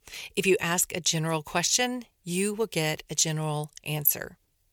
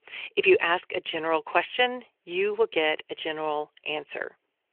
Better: first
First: none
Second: phone-call audio; nothing above 3 kHz

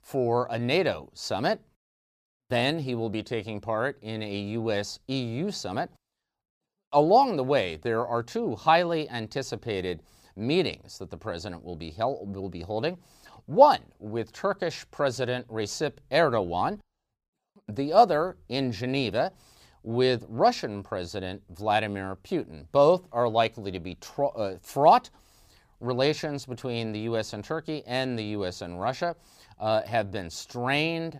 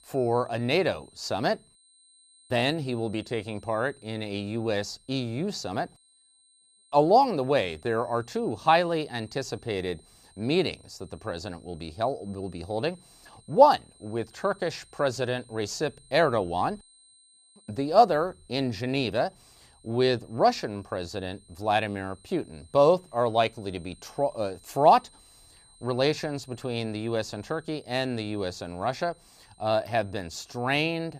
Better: first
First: none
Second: high-pitched whine; faint; throughout; 8.5 kHz, 30 dB below the speech

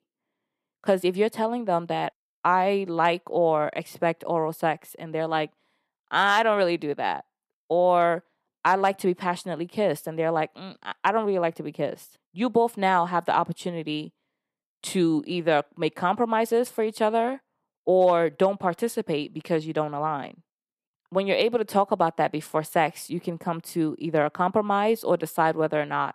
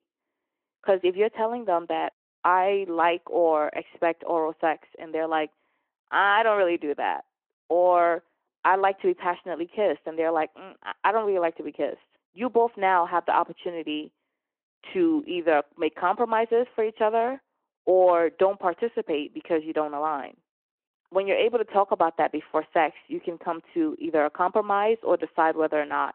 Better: first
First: none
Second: phone-call audio

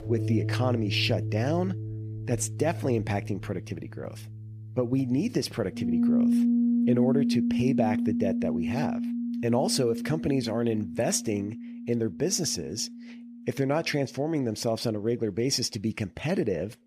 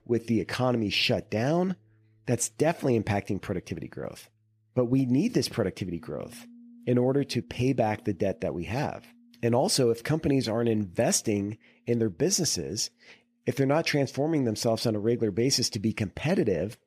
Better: second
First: background music; loud; throughout; as loud as the speech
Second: background music; faint; throughout; 30 dB below the speech

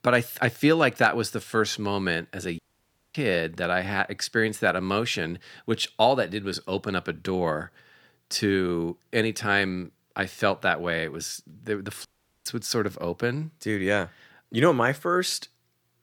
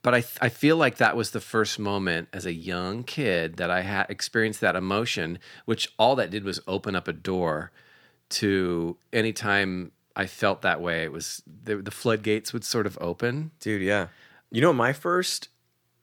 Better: second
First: audio cutting out; at 2.5 s for 0.5 s and at 12 s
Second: none

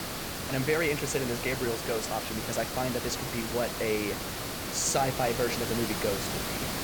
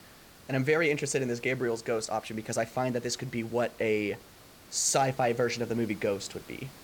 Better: second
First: hiss; loud; throughout; 2 dB below the speech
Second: hiss; faint; throughout; 20 dB below the speech

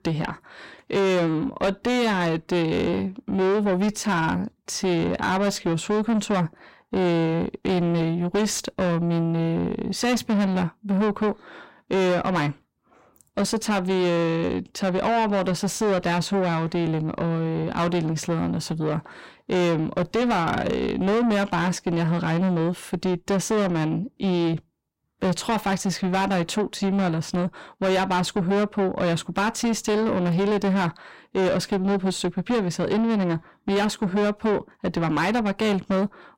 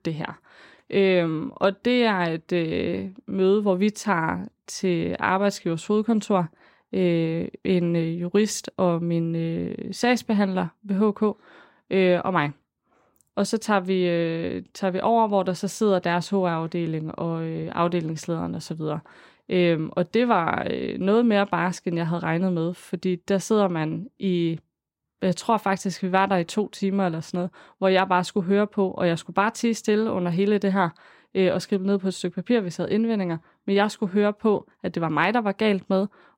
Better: second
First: distortion; heavy; 6 dB below the speech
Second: none

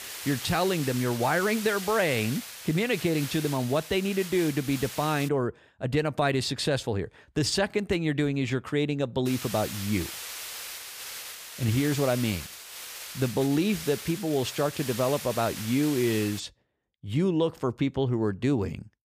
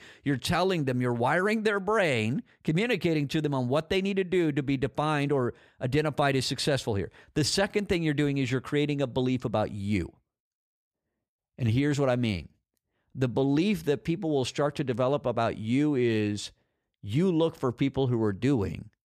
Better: second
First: hiss; loud; until 5.5 s and from 9.5 to 16 s; 9 dB below the speech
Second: none

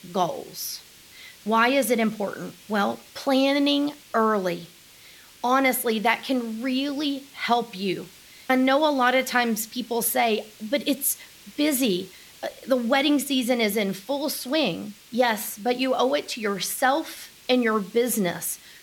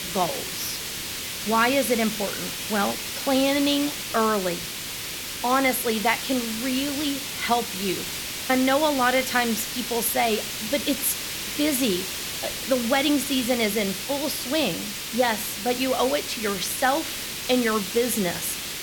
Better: first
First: hiss; faint; throughout; 25 dB below the speech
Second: hiss; loud; throughout; 4 dB below the speech

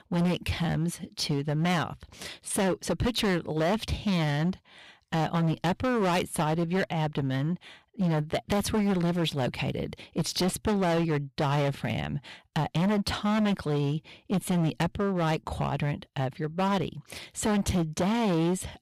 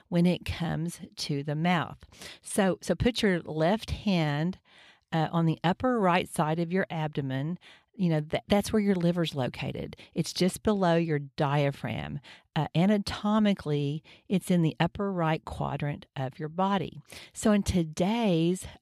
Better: second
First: distortion; heavy; 17% of the sound clipped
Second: none

